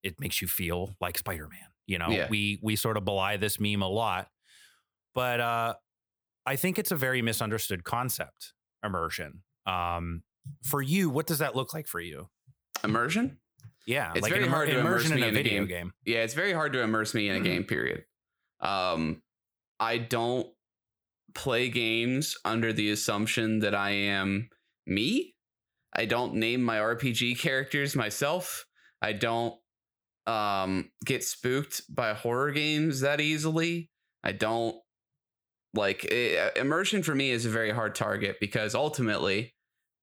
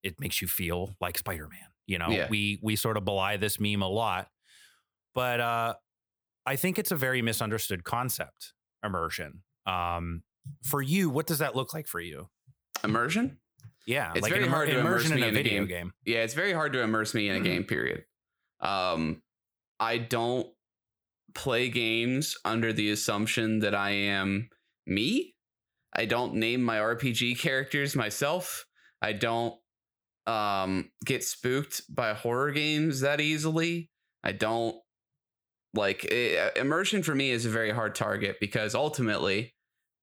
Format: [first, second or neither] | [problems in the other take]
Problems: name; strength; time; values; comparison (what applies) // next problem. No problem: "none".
neither | none